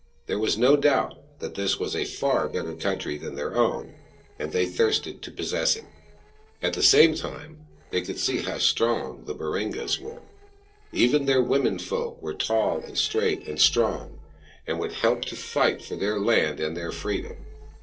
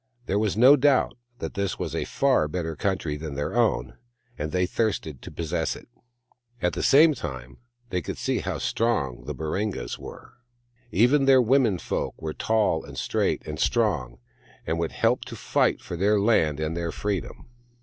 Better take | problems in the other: second | noise reduction (neural separator model SepFormer DNS4)

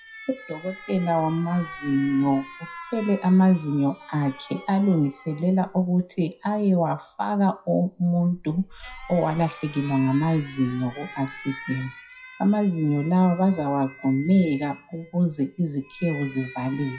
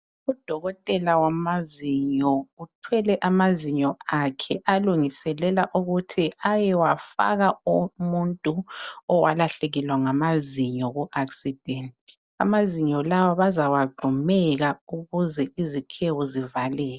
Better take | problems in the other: second | noise reduction (classical method WPE with log-MMSE)

